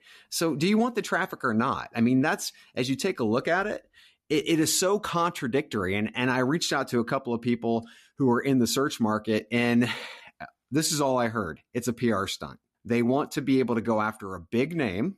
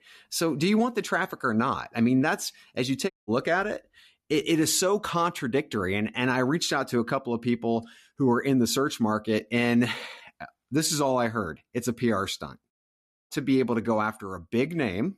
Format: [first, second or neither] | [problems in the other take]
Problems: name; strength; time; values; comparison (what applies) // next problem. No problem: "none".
first | audio cutting out; at 3 s and at 13 s for 0.5 s